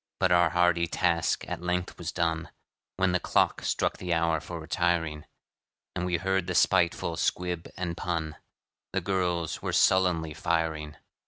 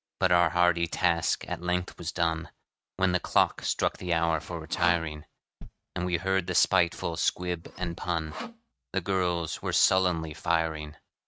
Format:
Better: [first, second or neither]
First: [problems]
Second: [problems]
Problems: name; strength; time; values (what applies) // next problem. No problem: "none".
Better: first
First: none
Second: noise reduction (neural mask model RNNoise)